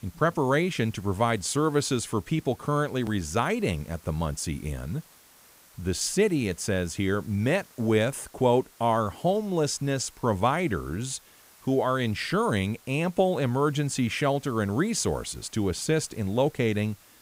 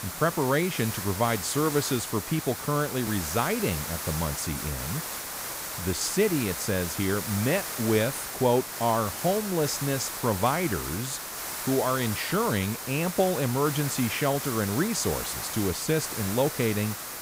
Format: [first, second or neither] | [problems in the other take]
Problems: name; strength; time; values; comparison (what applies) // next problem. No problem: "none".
first | hiss; loud; throughout; 5 dB below the speech; faint in the first